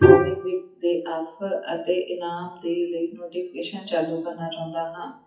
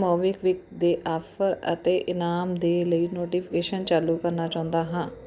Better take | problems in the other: second | noise reduction (classical method WPE with log-MMSE)

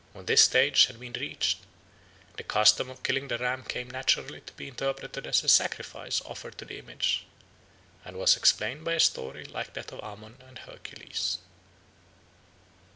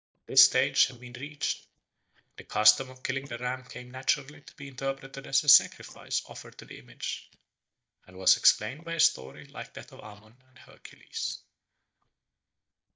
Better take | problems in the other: first | noise reduction (neural mask model DeepFilterNet 3)

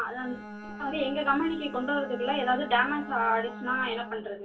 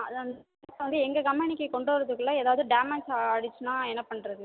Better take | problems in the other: second | background sound (Bowed string instrument); 11 dB below the speech // room echo; dies away in 0.1 s

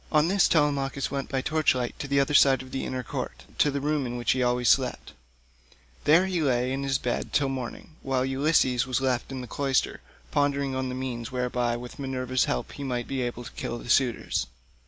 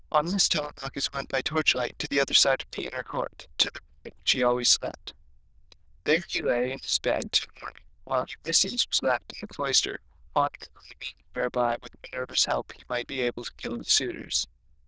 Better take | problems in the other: first | noise reduction (neural diffusion model UNIVERSE++)

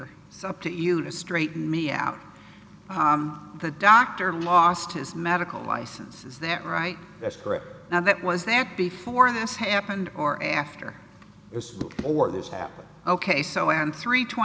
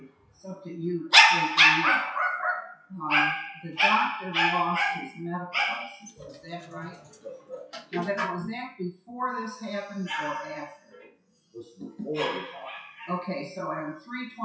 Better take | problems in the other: first | noise reduction (classical method WPE with log-MMSE)

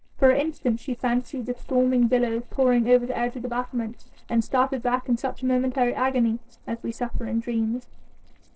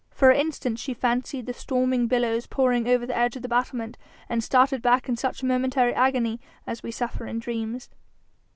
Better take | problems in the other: second | noise reduction (neural separator model SepFormer DNS4)

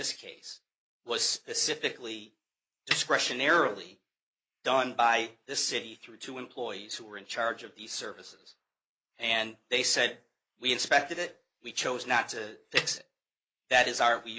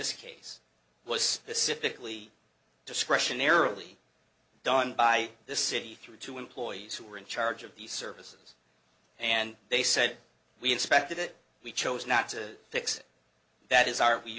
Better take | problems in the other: second | noise reduction (neural mask model Resemble Enhance denoiser)

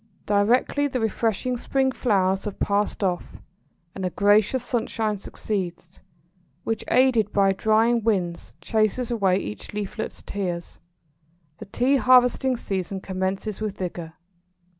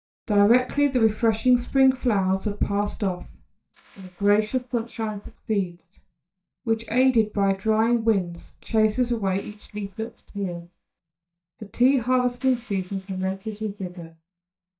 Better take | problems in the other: first | noise reduction (neural mask model DeepFilterNet 3)

